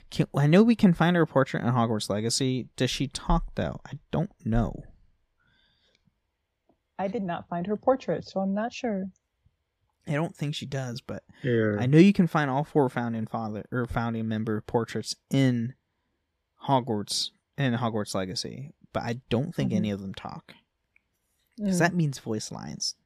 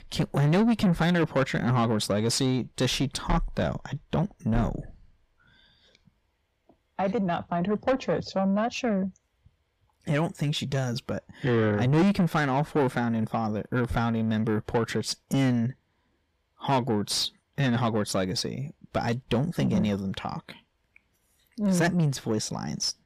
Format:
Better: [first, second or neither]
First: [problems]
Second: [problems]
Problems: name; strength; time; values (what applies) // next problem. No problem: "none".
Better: first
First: none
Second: distortion; heavy; 7 dB below the speech